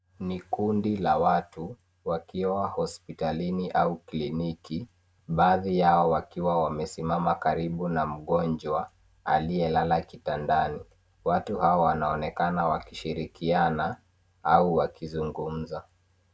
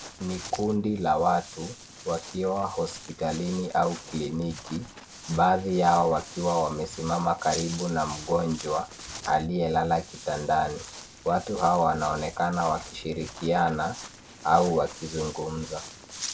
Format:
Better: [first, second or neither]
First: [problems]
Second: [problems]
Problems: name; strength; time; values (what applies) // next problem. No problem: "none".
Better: first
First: none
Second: background sound (Walk, footsteps); 15 dB below the speech